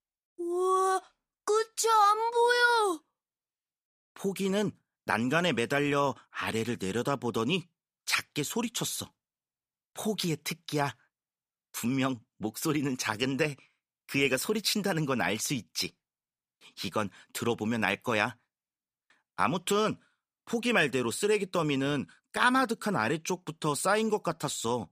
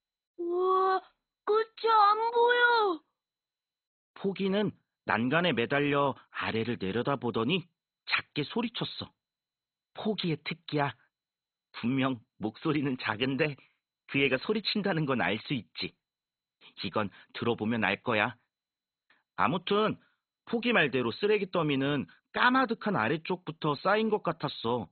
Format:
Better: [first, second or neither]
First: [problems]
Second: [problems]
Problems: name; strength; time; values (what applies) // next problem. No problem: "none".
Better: first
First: none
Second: garbled, watery; badly; nothing above 4 kHz